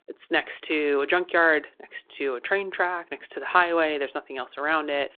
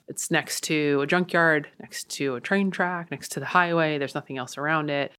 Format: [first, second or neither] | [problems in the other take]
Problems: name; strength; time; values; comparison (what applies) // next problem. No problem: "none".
second | phone-call audio